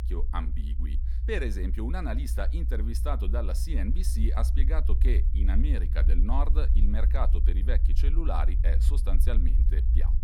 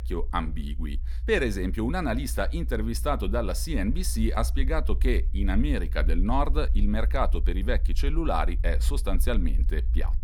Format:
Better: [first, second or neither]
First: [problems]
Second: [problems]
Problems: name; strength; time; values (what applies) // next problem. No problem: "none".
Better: second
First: low rumble; loud; throughout; 10 dB below the speech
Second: low rumble; faint; throughout; 20 dB below the speech